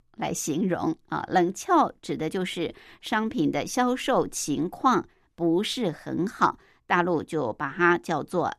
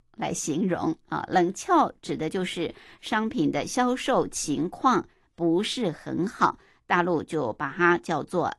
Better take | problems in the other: first | garbled, watery; slightly; nothing above 11.5 kHz

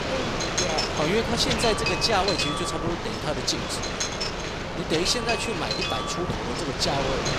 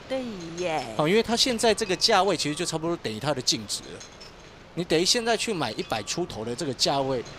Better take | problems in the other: second | wind noise on the microphone; heavy; as loud as the speech; occasional gusts in the second

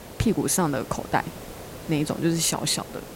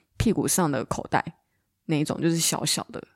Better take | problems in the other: second | hiss; noticeable; throughout; 15 dB below the speech

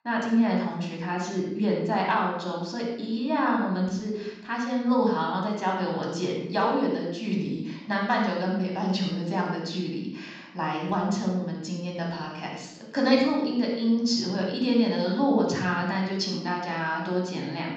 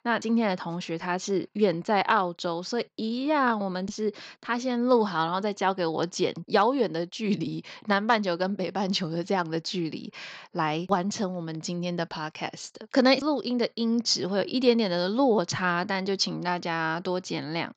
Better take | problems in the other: second | off-mic speech; somewhat distant // room echo; noticeable; dies away in 0.8 s

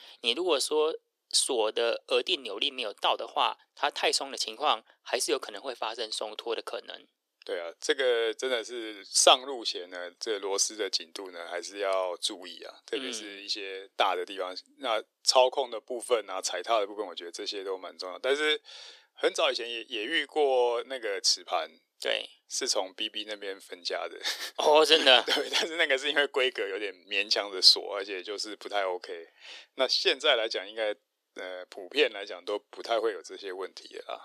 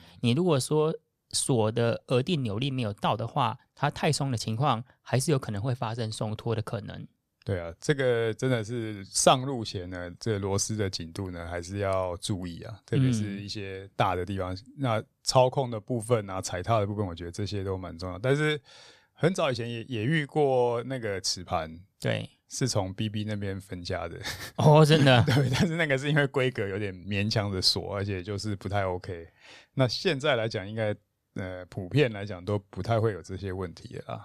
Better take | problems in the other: second | thin; very; fading below 350 Hz

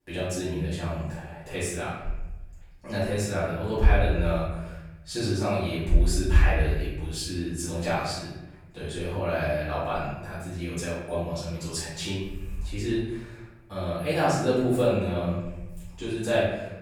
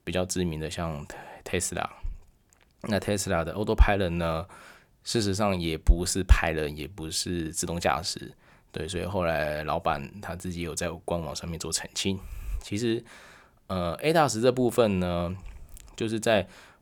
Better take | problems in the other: second | room echo; strong; dies away in 1 s // off-mic speech; far

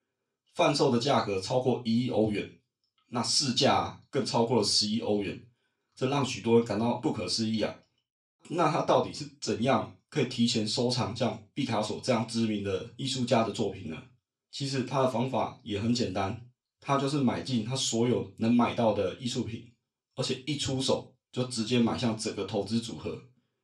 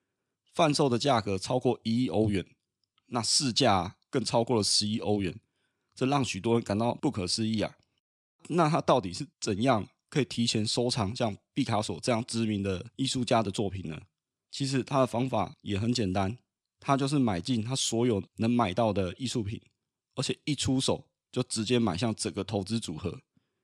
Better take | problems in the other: second | room echo; slight; dies away in 0.2 s // off-mic speech; far

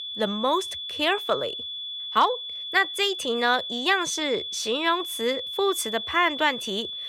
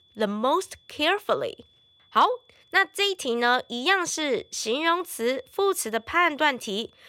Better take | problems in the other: second | high-pitched whine; loud; throughout; 3.5 kHz, 6 dB below the speech; faint in the second

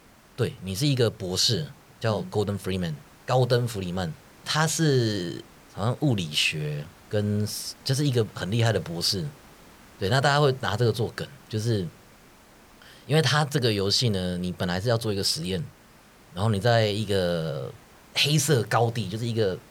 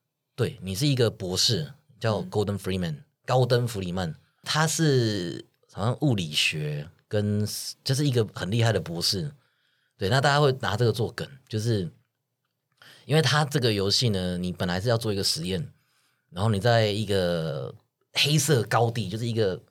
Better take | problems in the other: second | hiss; faint; throughout; 25 dB below the speech

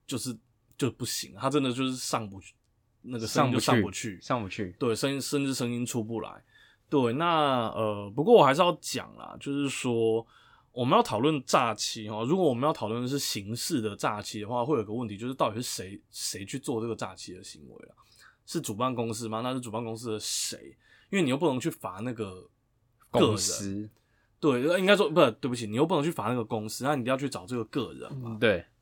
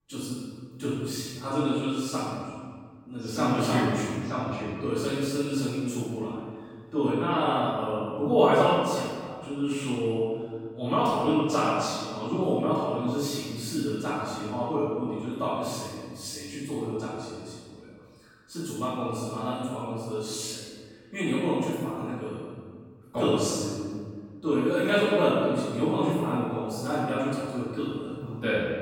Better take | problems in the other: first | off-mic speech; far // room echo; strong; dies away in 1.6 s

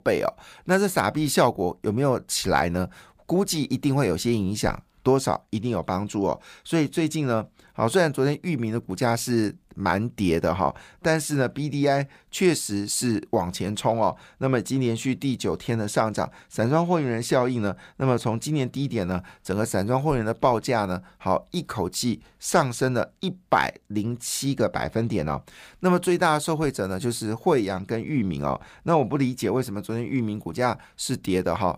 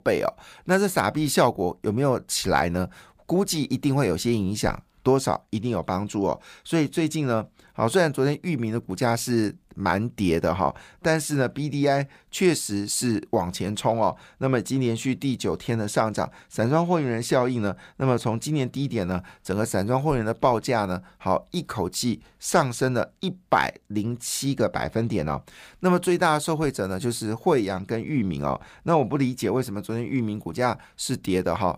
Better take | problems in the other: neither | none

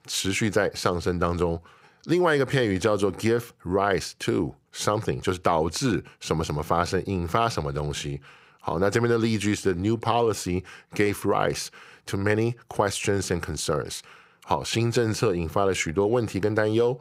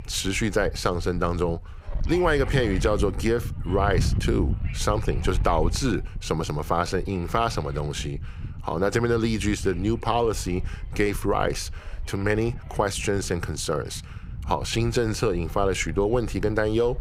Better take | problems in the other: first | wind noise on the microphone; occasional gusts; 20 dB below the speech

